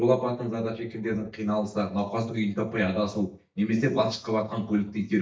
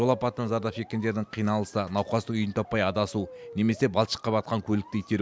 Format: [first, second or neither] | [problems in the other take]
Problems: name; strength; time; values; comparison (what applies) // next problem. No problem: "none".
second | noise reduction (neural mask model DeepFilterNet 3)